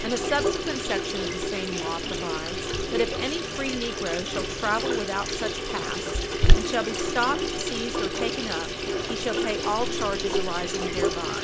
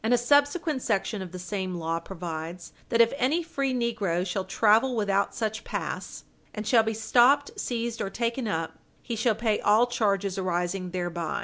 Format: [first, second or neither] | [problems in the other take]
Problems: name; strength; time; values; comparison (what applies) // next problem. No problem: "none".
second | background sound (Sink (filling or washing) / Water tap, faucet); 5 dB above the speech